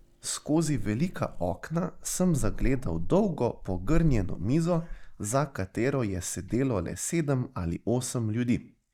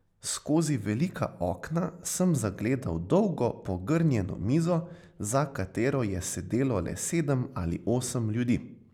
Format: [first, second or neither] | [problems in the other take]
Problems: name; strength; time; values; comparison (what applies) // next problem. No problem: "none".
second | noise reduction (neural mask model DeepFilterNet 3)